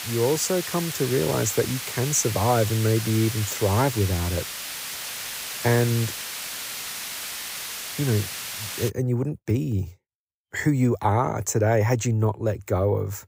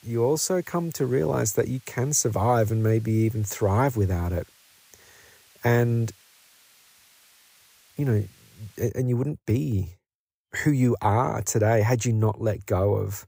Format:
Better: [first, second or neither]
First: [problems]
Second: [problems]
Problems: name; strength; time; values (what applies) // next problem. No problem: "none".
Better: second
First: hiss; loud; until 9 s; 6 dB below the speech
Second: hiss; faint; until 9 s; 30 dB below the speech